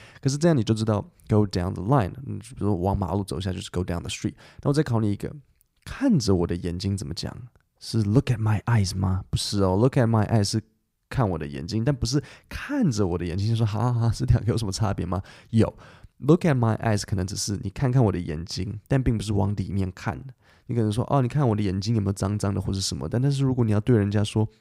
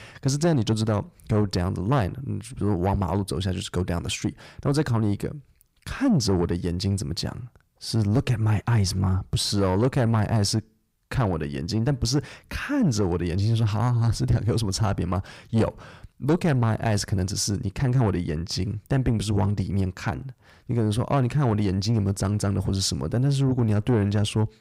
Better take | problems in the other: first | distortion; slight; 10 dB below the speech

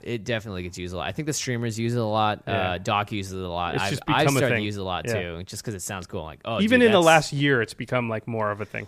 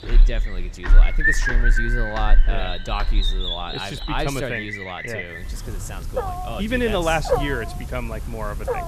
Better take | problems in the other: first | animal sounds; very loud; throughout; 3 dB above the speech

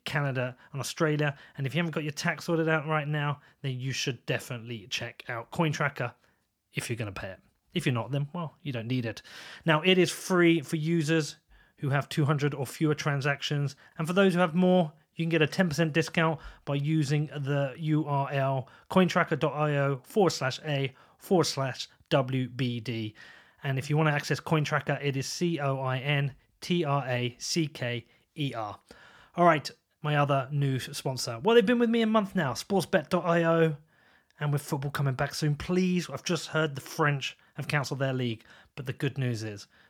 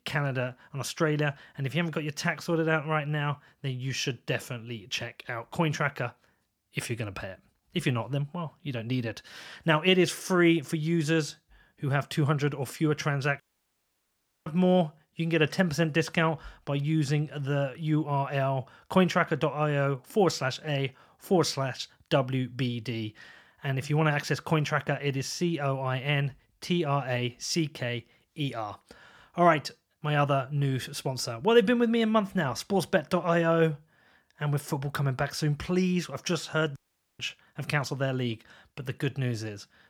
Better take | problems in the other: first | audio cutting out; at 13 s for 1 s and at 37 s

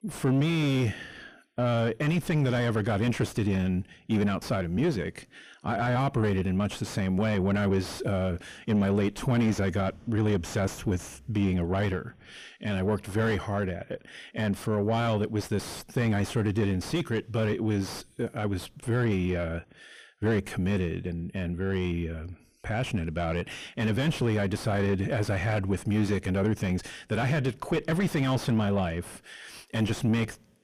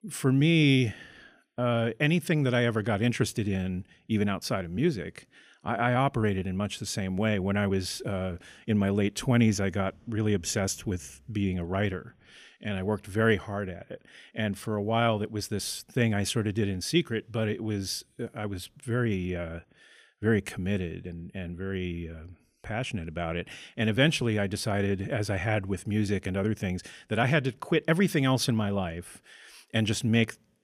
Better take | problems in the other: second | distortion; heavy; 7 dB below the speech

